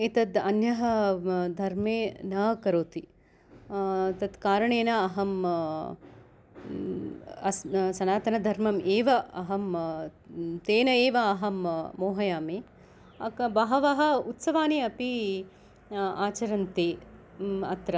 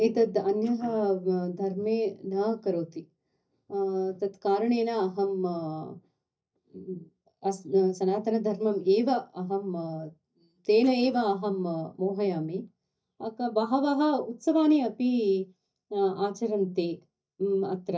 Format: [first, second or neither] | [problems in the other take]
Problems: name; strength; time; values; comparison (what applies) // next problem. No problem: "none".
first | noise reduction (neural mask model DeepFilterNet 3)